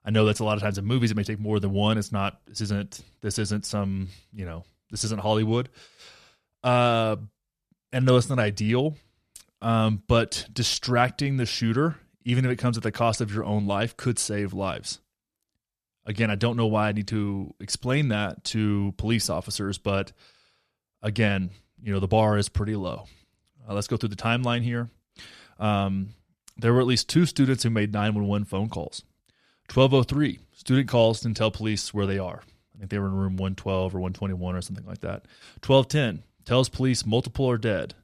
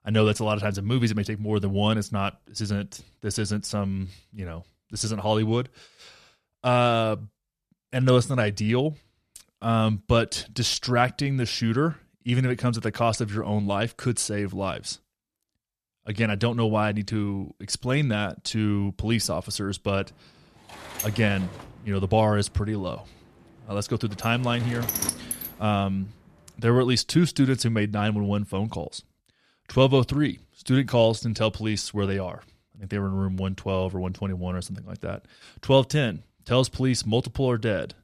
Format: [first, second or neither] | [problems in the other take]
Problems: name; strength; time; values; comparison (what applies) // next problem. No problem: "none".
first | door banging; noticeable; from 21 to 25 s; peak level with the speech